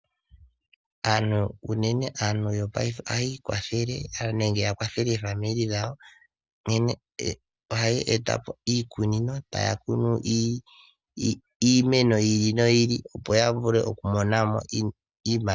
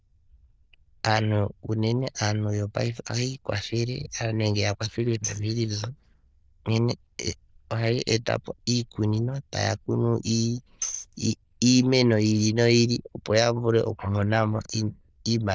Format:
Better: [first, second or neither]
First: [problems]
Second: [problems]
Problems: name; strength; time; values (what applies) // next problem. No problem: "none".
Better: first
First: none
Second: noise reduction (neural diffusion model UNIVERSE++)